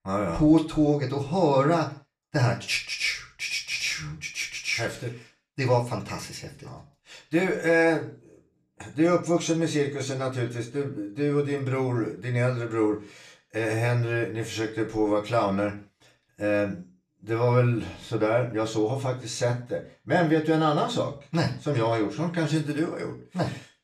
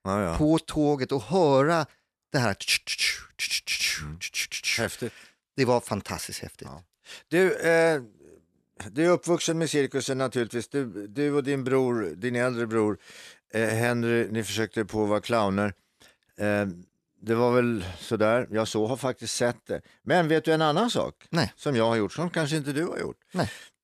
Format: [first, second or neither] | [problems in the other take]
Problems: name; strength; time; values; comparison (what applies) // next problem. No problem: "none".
second | room echo; slight; dies away in 0.3 s // off-mic speech; far